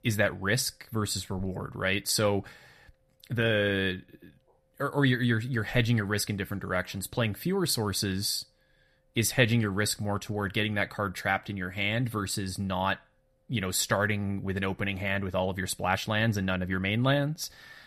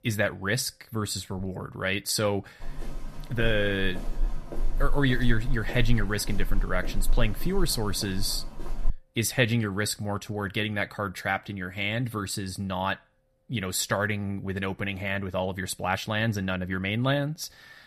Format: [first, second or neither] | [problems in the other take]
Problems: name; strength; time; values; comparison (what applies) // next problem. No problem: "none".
first | footsteps; noticeable; from 2.5 to 9 s; peak 3 dB below the speech